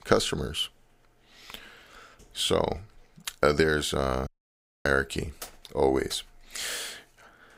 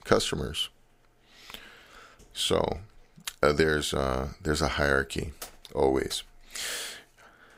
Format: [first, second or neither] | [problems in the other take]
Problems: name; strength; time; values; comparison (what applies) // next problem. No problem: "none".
second | audio cutting out; at 4.5 s for 0.5 s